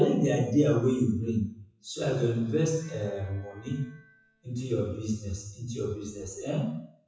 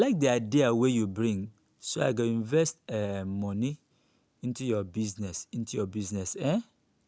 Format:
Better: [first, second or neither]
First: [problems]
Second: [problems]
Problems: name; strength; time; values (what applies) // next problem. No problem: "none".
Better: second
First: noise reduction (classical method WPE with log-MMSE)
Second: none